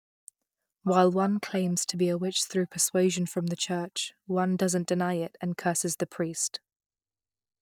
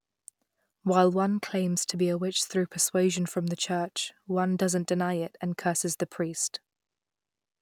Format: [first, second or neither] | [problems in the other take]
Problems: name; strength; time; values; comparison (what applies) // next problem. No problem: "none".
second | noise reduction (neural mask model DeepFilterNet 3)